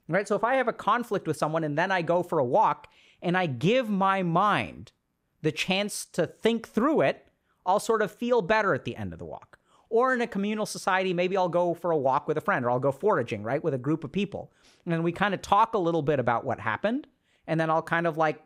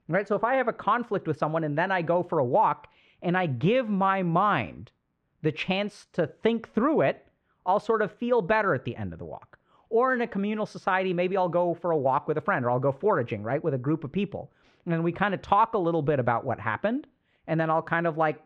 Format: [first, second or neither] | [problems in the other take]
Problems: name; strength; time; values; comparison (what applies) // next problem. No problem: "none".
first | muffled; slightly; fading above 3 kHz